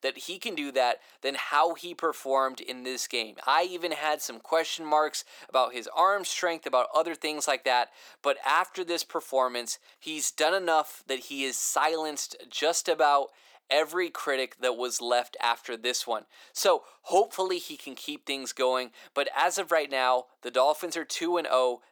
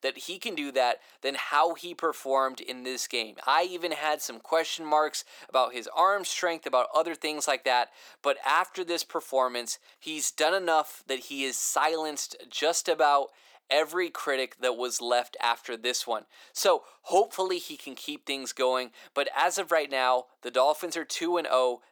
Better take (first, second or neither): neither